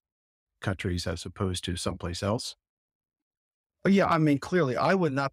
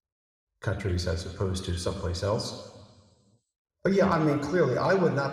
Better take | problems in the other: first | room echo; slight; dies away in 1.4 s

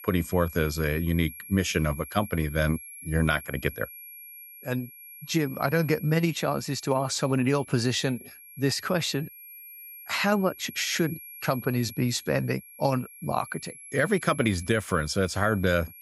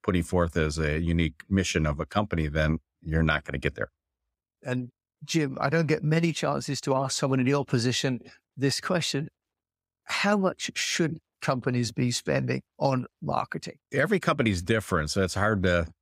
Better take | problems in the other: second | high-pitched whine; noticeable; throughout; 11.5 kHz, 15 dB below the speech

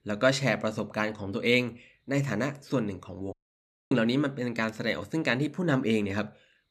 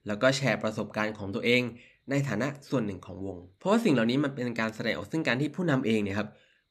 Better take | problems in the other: second | audio cutting out; at 3.5 s for 0.5 s

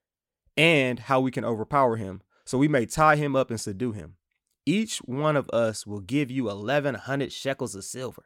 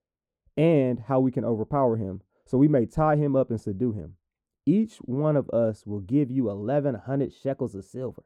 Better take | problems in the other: first | muffled; very; fading above 1 kHz

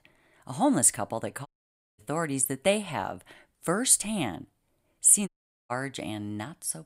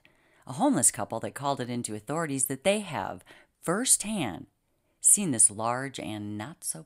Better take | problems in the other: second | audio cutting out; at 1.5 s for 0.5 s and at 5.5 s

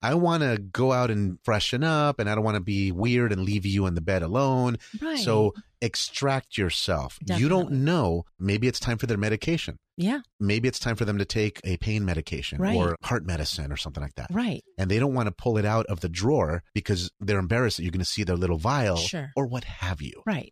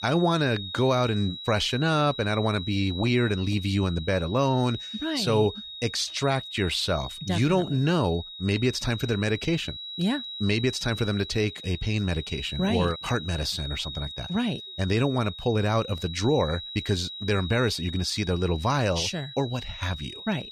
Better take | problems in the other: first | high-pitched whine; loud; throughout; 4 kHz, 10 dB below the speech

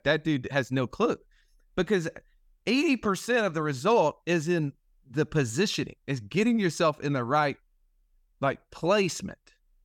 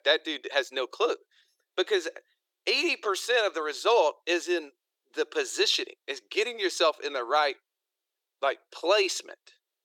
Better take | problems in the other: first | thin; very; fading below 350 Hz

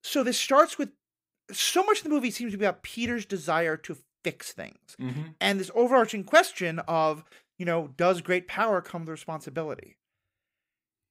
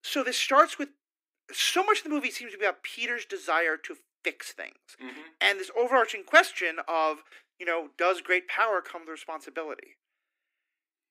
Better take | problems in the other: first | thin; somewhat; fading below 250 Hz

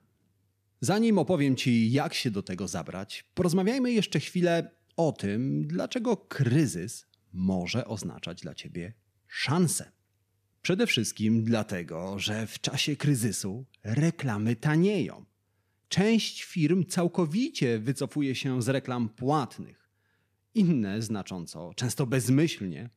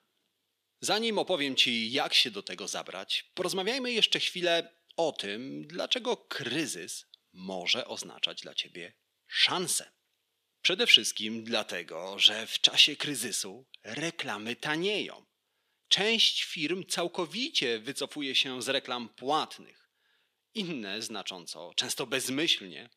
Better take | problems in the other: first | thin; somewhat; fading below 450 Hz

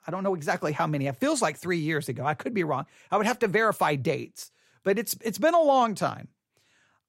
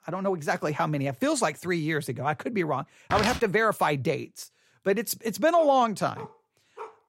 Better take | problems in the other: first | footsteps; noticeable; at 3 s; peak 3 dB below the speech // dog barking; faint; from 5.5 s on; peak 20 dB below the speech

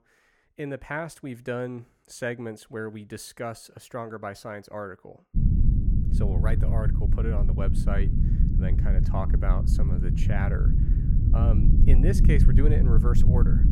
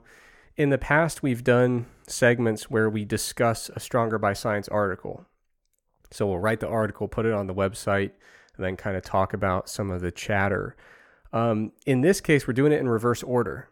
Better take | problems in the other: second | low rumble; loud; from 5.5 s on; 2 dB below the speech

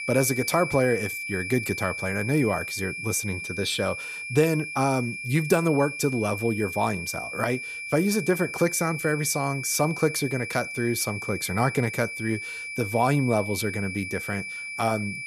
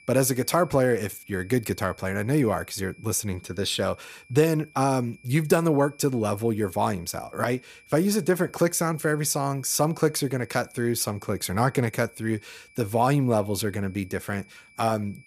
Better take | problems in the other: second | high-pitched whine; loud; throughout; 2.5 kHz, 6 dB below the speech; faint in the second

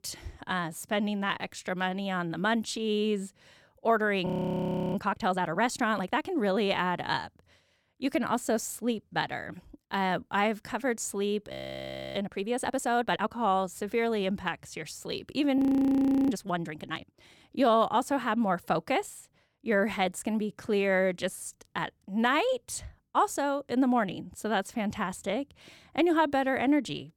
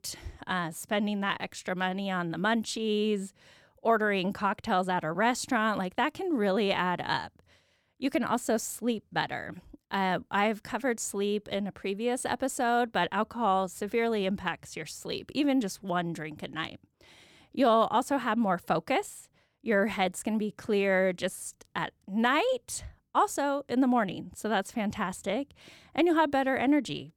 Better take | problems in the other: second | audio freezing; at 4.5 s for 0.5 s, at 12 s for 0.5 s and at 16 s for 0.5 s

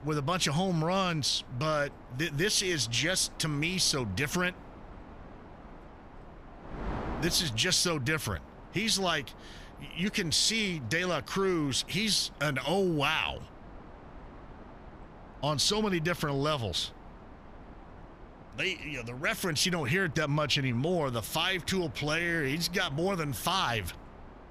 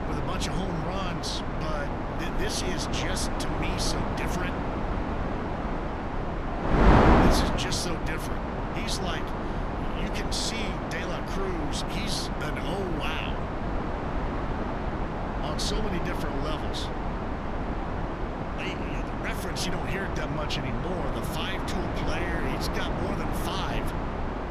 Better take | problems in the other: first | wind noise on the microphone; heavy; 3 dB above the speech; occasional gusts in the first

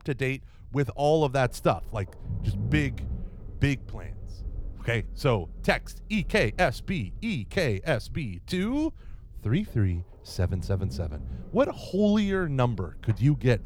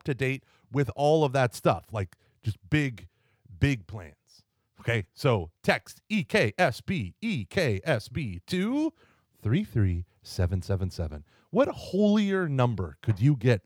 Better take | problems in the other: second | low rumble; faint; throughout; 25 dB below the speech

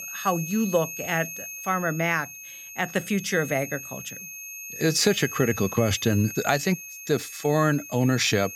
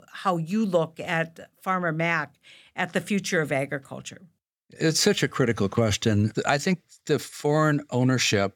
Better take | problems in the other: second | high-pitched whine; noticeable; throughout; 2.5 kHz, 10 dB below the speech

